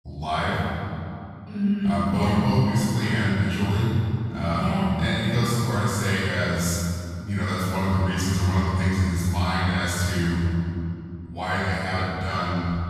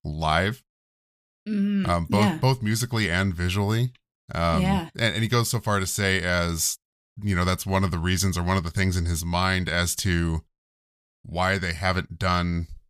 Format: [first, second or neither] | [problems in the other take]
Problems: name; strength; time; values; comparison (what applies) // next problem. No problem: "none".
second | off-mic speech; far // room echo; strong; dies away in 2.8 s